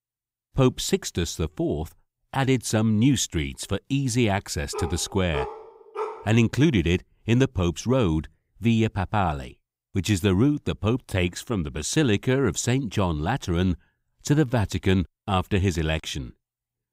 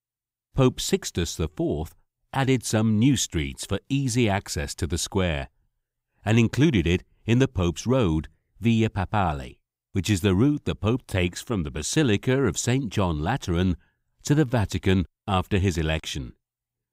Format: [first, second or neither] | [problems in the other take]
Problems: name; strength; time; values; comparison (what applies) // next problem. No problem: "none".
second | dog barking; noticeable; from 4.5 to 6.5 s; peak 8 dB below the speech